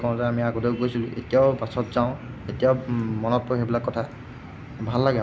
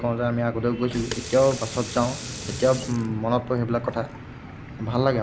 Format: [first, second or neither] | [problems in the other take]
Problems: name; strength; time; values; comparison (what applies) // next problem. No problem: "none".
first | background sound (Sink (filling or washing) / Water tap, faucet); 15 dB below the speech